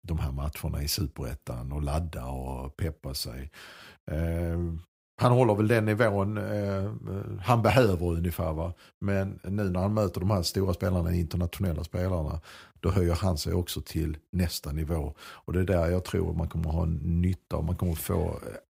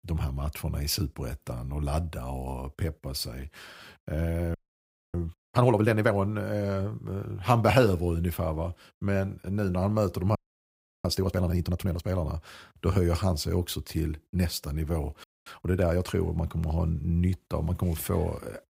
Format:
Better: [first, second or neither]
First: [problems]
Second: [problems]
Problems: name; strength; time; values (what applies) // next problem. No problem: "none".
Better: first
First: none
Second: audio freezing; at 4.5 s for 0.5 s, at 10 s for 0.5 s and at 15 s